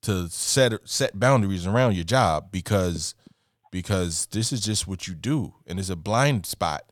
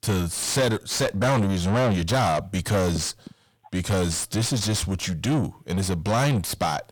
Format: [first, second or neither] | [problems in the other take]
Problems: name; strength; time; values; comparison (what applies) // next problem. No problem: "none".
first | distortion; heavy; 5 dB below the speech